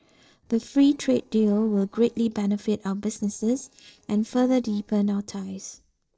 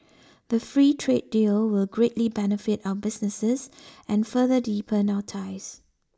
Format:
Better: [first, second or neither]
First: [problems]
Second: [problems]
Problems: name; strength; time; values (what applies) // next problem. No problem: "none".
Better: second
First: noise reduction (neural separator model SepFormer DNS4)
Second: none